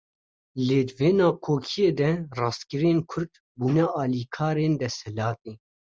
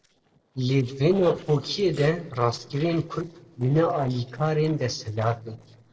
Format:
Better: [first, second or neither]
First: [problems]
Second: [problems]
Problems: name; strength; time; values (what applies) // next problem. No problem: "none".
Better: first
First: none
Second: noise reduction (neural separator model SepFormer DNS4)